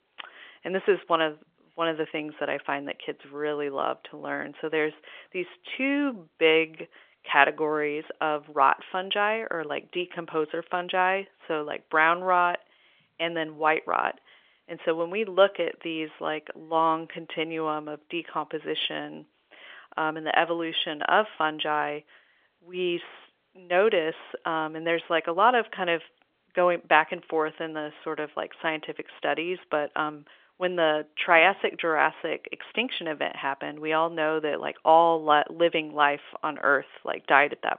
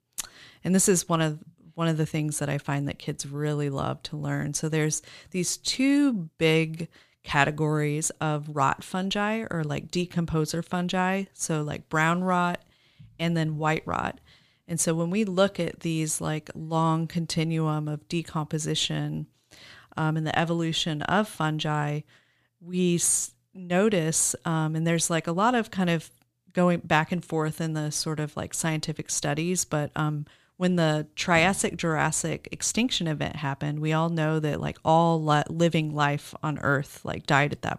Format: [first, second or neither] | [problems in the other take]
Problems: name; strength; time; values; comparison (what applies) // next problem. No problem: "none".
second | phone-call audio; nothing above 3.5 kHz